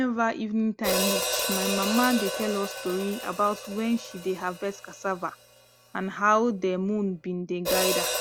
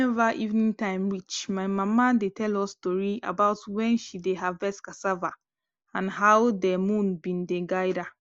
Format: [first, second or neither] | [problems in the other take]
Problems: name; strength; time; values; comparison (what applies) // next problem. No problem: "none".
second | background sound (Hi-hat); 4 dB below the speech